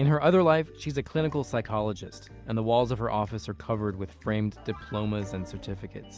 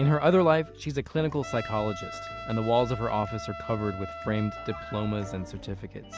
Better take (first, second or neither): first